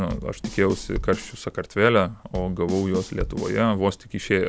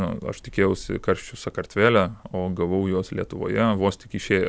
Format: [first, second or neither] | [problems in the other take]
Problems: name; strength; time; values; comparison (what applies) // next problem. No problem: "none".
second | background sound (Bass drum / Snare drum / Drum kit); 11 dB below the speech